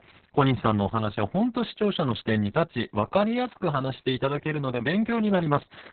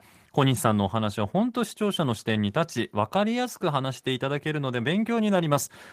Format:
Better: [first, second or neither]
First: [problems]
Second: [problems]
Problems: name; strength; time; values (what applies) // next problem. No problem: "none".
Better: second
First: garbled, watery; badly; nothing above 4 kHz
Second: garbled, watery; slightly; nothing above 15 kHz